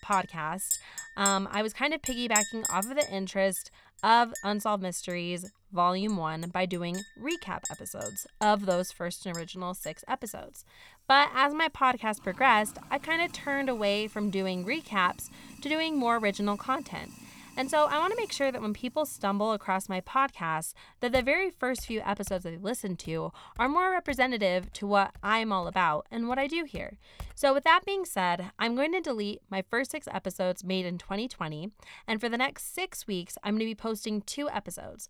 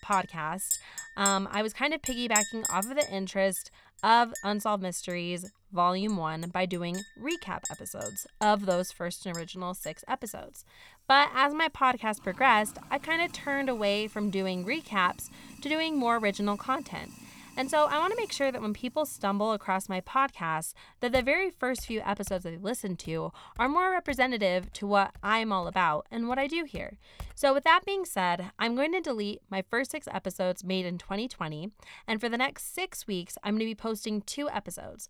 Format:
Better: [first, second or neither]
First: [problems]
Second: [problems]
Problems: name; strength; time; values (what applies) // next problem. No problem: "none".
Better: neither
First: household noises; noticeable; until 28 s; 10 dB below the speech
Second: household noises; noticeable; until 28 s; 10 dB below the speech